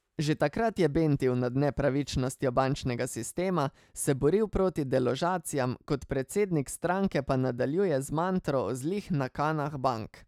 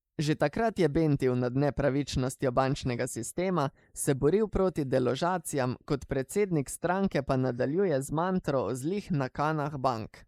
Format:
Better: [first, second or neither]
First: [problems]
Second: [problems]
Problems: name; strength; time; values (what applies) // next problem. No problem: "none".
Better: first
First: none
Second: noise reduction (neural mask model Resemble Enhance denoiser)